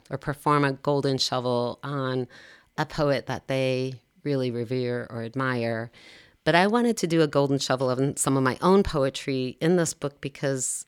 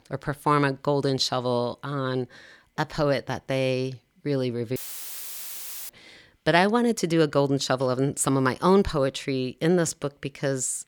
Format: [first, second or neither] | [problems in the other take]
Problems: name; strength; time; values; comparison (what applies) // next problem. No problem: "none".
first | audio cutting out; filled with static; at 5 s for 1 s